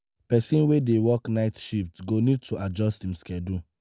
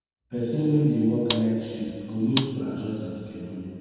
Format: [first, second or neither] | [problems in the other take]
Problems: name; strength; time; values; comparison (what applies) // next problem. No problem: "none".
first | background sound (Gunshot, gunfire); 10 dB below the speech // room echo; dies away in 2 s